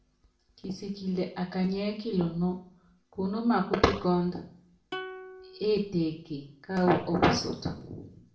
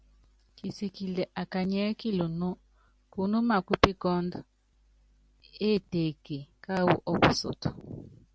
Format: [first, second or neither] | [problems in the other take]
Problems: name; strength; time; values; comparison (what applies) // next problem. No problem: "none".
second | background sound (Plucked string instrument); 16 dB below the speech // room echo; dies away in 0.5 s